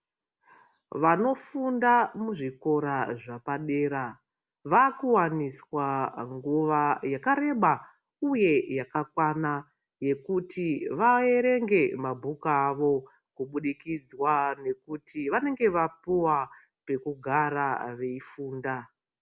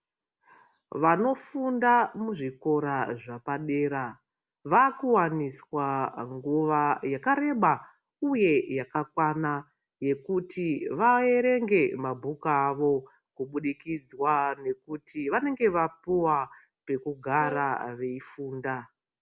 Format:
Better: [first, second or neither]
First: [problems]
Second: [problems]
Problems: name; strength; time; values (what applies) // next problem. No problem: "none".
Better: first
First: none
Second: background sound (Brass instrument); 17 dB below the speech